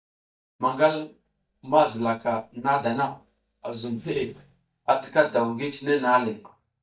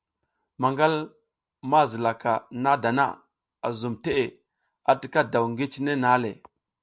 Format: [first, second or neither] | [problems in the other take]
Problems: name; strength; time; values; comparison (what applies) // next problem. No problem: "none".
second | noise reduction (neural mask model DeepFilterNet 3)